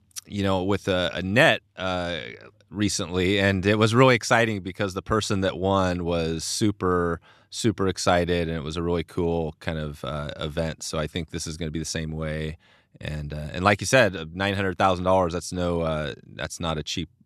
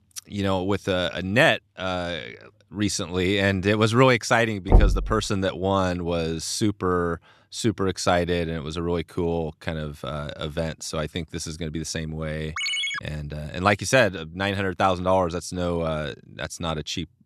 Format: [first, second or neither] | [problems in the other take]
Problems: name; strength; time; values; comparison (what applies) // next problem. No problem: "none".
first | door banging; loud; at 4.5 s; peak 4 dB above the speech // phone ringing; loud; at 13 s; peak 1 dB above the speech